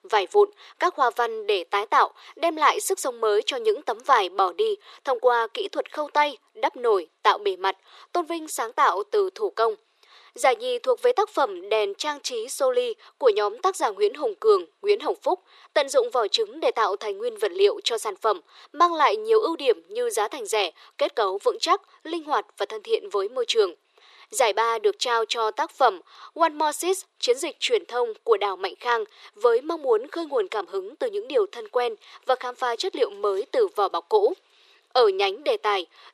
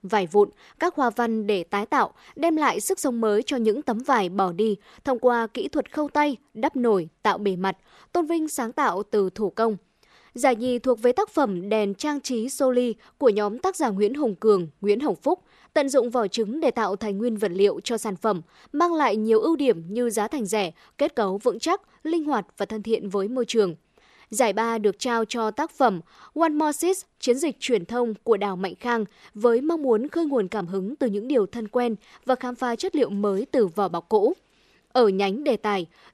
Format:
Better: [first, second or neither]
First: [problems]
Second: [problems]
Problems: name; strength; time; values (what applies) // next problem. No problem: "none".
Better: second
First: thin; very; fading below 400 Hz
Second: none